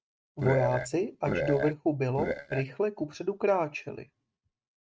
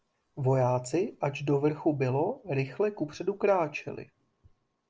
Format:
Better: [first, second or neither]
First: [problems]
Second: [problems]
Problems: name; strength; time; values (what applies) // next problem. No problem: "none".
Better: second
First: noise reduction (neural mask model RNNoise)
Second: none